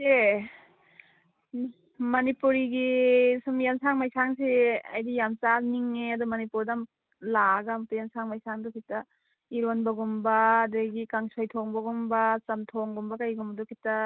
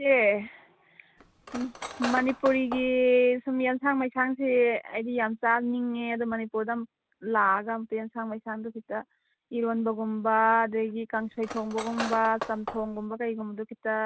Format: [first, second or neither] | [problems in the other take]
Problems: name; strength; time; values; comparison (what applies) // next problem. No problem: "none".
first | background sound (Cutlery, silverware); 10 dB below the speech